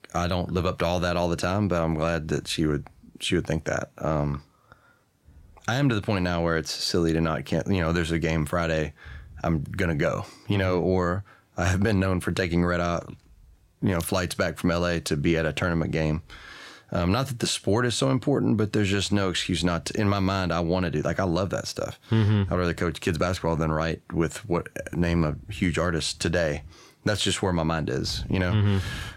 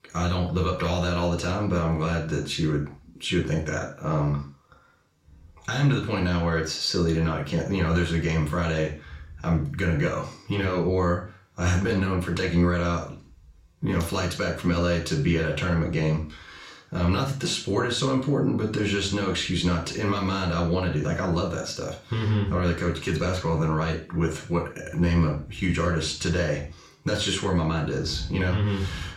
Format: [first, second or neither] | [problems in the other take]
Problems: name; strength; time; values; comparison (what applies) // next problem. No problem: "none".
first | room echo; slight; dies away in 0.4 s // off-mic speech; far